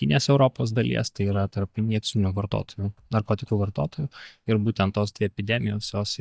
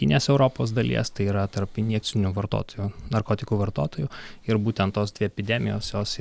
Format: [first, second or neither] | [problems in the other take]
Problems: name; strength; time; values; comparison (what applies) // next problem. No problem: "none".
second | noise reduction (neural mask model DeepFilterNet 3)